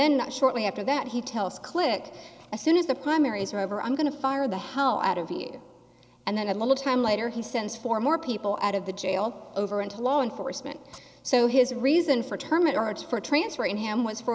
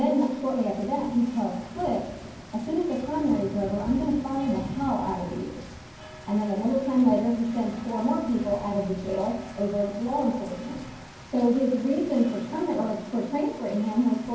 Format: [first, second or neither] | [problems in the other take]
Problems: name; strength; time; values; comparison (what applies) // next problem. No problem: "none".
first | background sound (Rain); 16 dB below the speech // room echo; dies away in 0.9 s